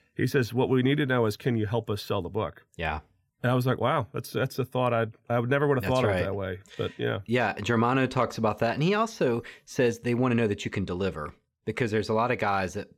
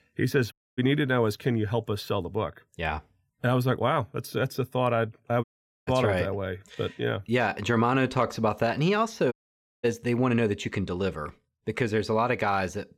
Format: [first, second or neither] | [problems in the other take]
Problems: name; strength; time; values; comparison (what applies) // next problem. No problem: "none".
first | audio cutting out; at 0.5 s, at 5.5 s and at 9.5 s for 0.5 s